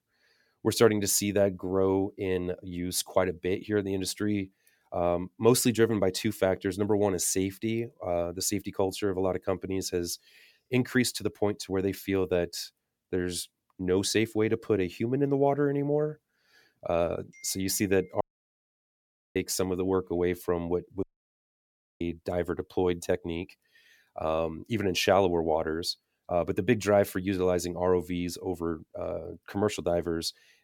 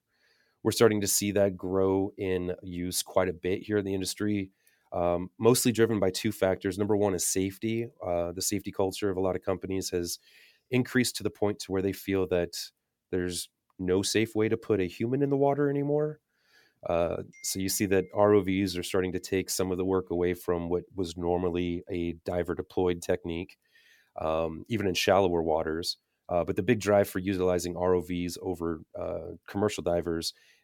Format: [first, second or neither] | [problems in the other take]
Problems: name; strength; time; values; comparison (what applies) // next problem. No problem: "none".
second | audio cutting out; at 18 s for 1 s and at 21 s for 1 s